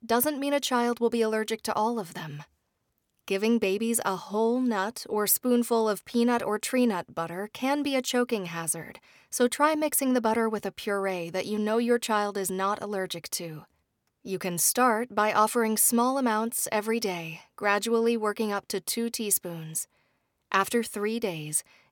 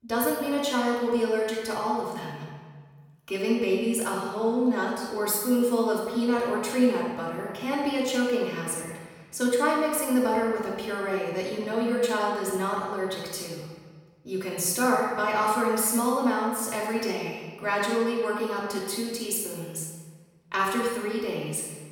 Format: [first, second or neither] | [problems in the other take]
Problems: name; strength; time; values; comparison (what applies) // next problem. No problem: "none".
first | off-mic speech; far // room echo; strong; dies away in 1.3 s